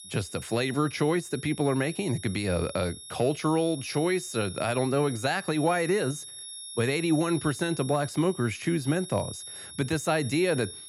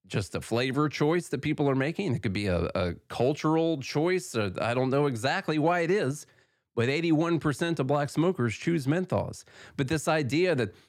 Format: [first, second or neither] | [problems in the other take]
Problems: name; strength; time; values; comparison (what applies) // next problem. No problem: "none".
second | high-pitched whine; noticeable; throughout; 11 kHz, 10 dB below the speech